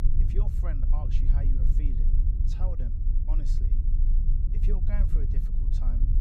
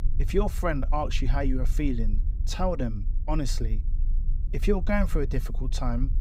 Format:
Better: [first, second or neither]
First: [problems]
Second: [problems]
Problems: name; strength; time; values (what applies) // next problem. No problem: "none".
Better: second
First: low rumble; loud; throughout; as loud as the speech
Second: low rumble; faint; throughout; 20 dB below the speech